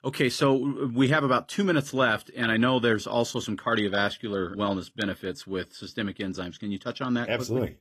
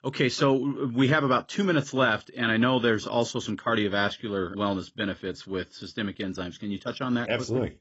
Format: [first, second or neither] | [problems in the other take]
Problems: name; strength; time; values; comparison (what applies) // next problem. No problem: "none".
first | garbled, watery; badly; nothing above 7.5 kHz; slightly in the first